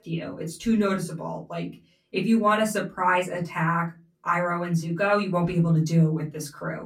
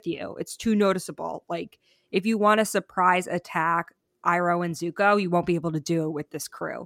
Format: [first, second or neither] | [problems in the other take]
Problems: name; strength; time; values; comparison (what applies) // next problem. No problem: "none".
second | off-mic speech; far // room echo; very slight; dies away in 0.3 s